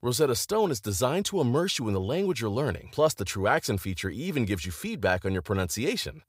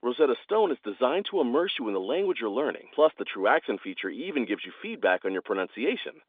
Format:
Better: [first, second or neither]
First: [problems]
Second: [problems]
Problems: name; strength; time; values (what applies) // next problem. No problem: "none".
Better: first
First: none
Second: phone-call audio; nothing above 3.5 kHz